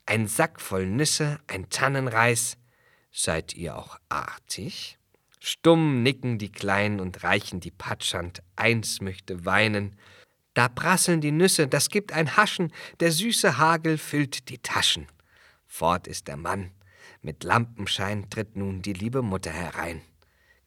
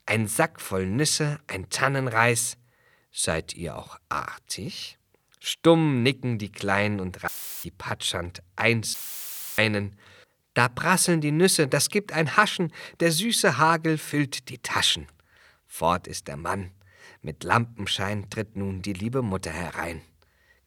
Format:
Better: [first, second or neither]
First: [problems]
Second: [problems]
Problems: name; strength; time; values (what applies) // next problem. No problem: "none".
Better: first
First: none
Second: audio cutting out; filled with static; at 7.5 s and at 9 s for 0.5 s